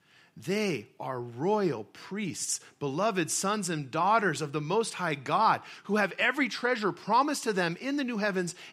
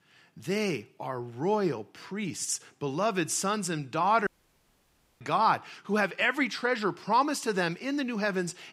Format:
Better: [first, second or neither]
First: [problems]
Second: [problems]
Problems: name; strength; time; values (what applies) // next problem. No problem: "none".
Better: first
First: none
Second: audio cutting out; at 4.5 s for 1 s